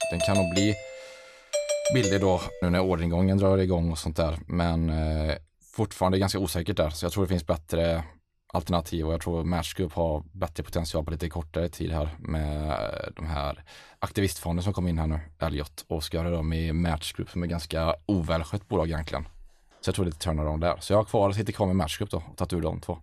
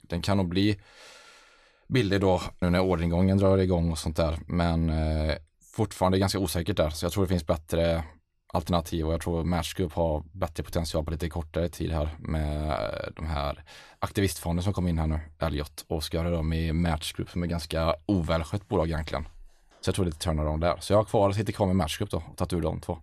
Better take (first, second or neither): second